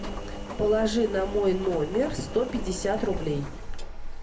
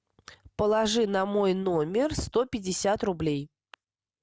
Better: second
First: background sound (Engine); 6 dB below the speech // room echo; dies away in 0.3 s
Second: none

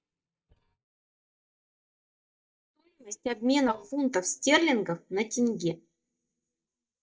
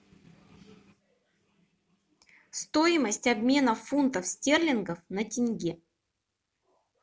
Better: second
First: noise reduction (neural mask model DeepFilterNet 3)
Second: none

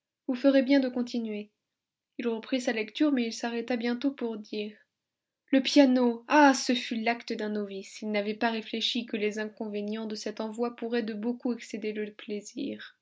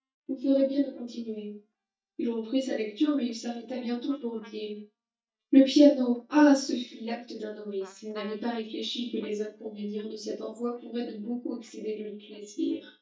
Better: first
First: none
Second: noise reduction (neural mask model DeepFilterNet 3)

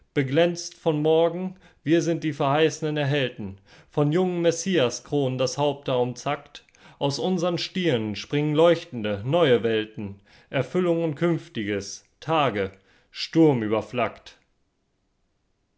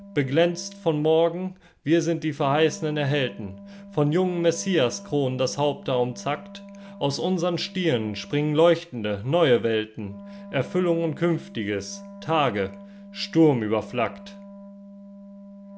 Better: first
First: none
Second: background sound (Wind instrument, woodwind instrument); 18 dB below the speech

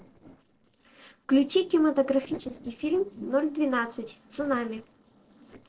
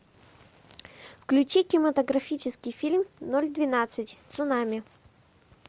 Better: second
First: noise reduction (neural separator model SepFormer DNS4)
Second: none

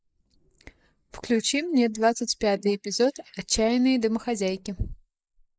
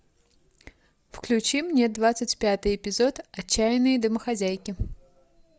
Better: second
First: noise reduction (neural mask model Resemble Enhance denoiser)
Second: none

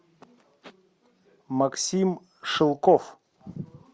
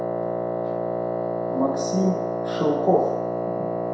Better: first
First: none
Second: background sound (Wind instrument, woodwind instrument); 1 dB above the speech // room echo; dies away in 0.7 s

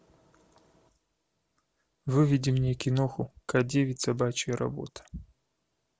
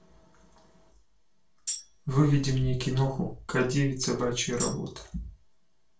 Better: first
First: none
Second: background sound (Tambourine); 10 dB below the speech // room echo; dies away in 0.3 s

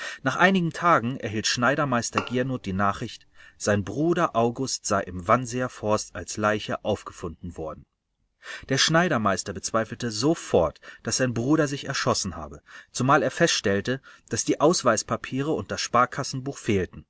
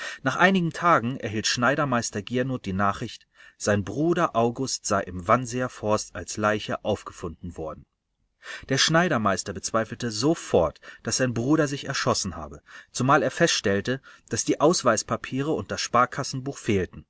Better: second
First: background sound (Bowed string instrument); 12 dB below the speech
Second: none

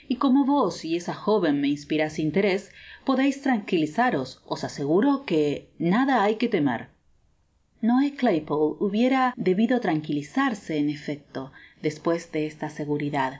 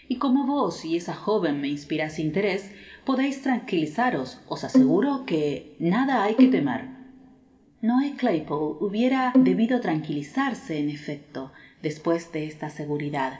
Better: first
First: none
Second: background sound (Bowed string instrument); 1 dB above the speech // room echo; dies away in 2.4 s

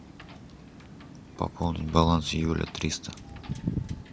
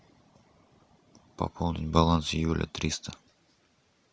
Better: second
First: background sound (Wind / Boat, Water vehicle); 8 dB below the speech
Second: none

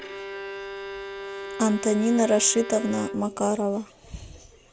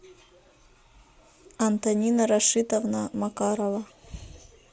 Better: second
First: background sound (Bowed string instrument); 11 dB below the speech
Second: none

